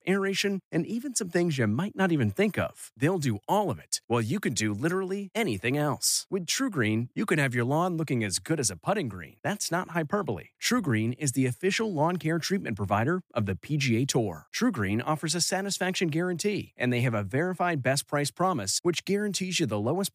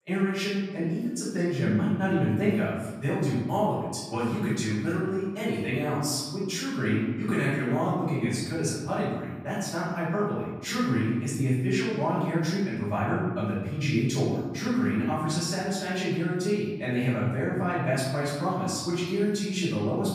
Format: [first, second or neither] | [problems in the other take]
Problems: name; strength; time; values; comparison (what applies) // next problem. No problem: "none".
first | off-mic speech; far // room echo; strong; dies away in 1.3 s